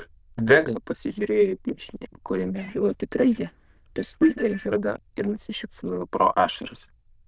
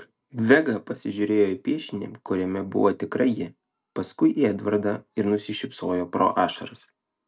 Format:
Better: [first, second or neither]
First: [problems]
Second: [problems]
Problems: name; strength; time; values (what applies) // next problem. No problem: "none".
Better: second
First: noise reduction (neural diffusion model UNIVERSE++)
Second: none